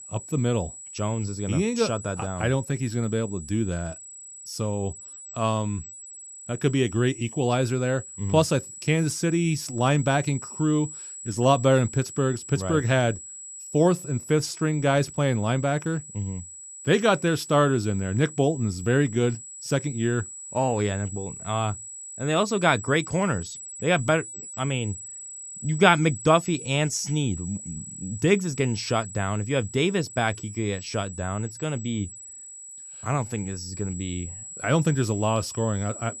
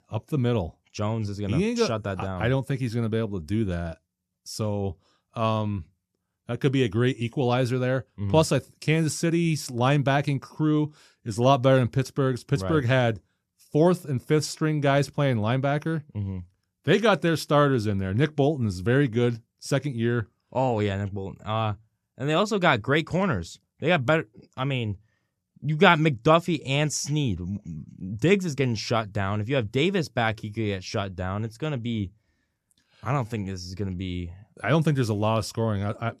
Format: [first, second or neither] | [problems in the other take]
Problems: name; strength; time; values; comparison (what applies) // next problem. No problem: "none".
second | high-pitched whine; noticeable; throughout; 8 kHz, 10 dB below the speech